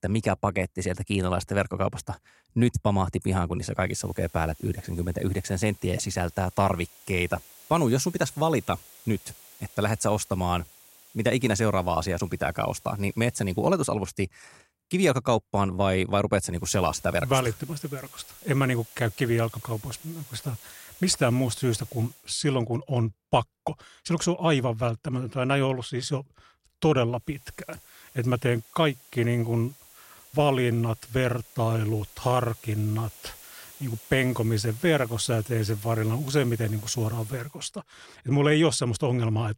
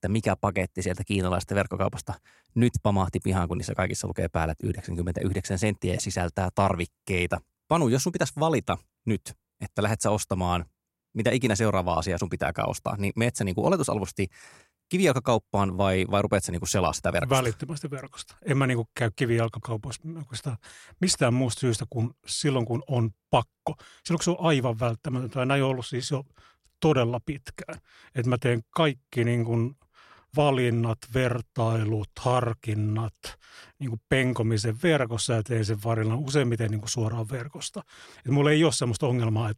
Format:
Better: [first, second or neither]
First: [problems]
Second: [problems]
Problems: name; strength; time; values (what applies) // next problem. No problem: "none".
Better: second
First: hiss; faint; from 4 to 14 s, from 17 to 22 s and from 27 to 37 s; 20 dB below the speech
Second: none